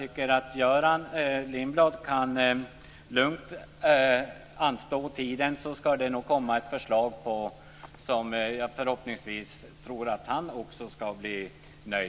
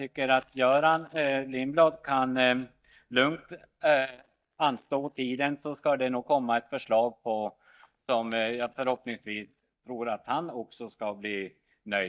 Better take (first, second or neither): first